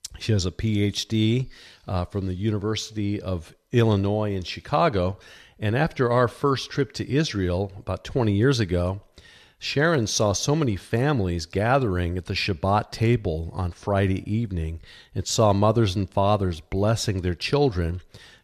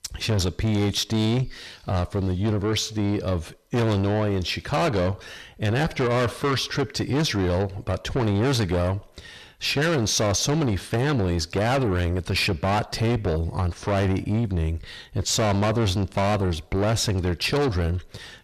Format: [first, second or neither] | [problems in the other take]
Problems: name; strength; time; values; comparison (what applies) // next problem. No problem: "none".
first | distortion; heavy; 6 dB below the speech